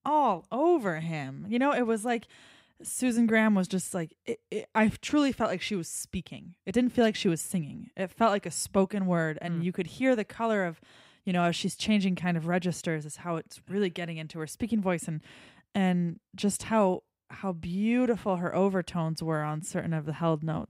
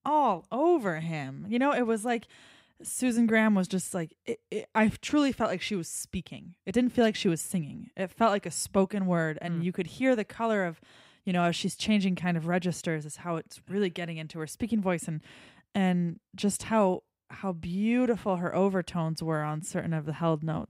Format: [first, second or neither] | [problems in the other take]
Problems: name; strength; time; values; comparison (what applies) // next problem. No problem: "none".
neither | none